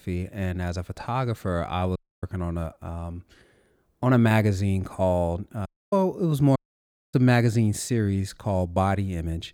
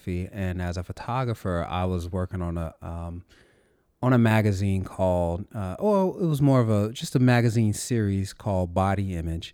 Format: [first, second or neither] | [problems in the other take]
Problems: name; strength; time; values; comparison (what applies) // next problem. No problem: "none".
second | audio cutting out; at 2 s, at 5.5 s and at 6.5 s for 0.5 s